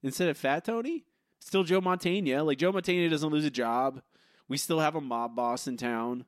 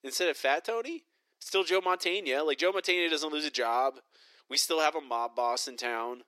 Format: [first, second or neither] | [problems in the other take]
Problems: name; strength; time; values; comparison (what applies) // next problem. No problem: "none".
first | thin; very; fading below 350 Hz